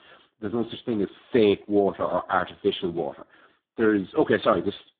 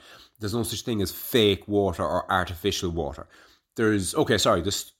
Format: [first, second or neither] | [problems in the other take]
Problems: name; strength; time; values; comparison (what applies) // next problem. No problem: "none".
second | phone-call audio; poor line; nothing above 3.5 kHz